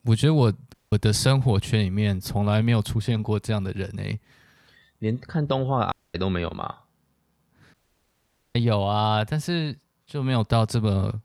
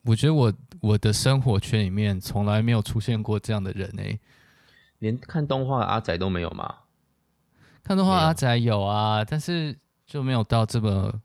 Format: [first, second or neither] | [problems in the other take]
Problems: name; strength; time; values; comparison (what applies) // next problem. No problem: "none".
second | audio cutting out; at 0.5 s, at 6 s and at 7.5 s for 1 s